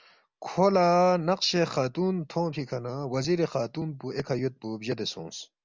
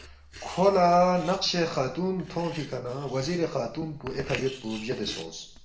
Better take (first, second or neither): first